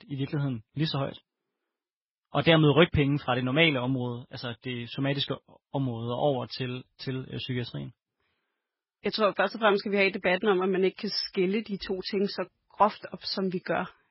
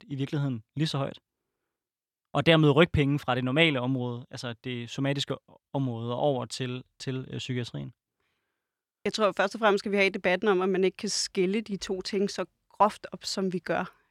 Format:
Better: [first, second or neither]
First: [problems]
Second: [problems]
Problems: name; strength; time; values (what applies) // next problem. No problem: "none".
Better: second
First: garbled, watery; badly; nothing above 5.5 kHz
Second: none